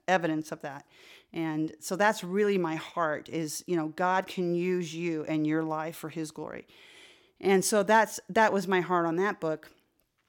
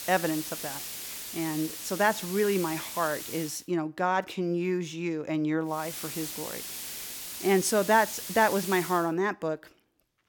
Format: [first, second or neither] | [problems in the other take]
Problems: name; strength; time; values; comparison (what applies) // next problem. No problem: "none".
first | hiss; loud; until 3.5 s and from 6 to 9 s; 8 dB below the speech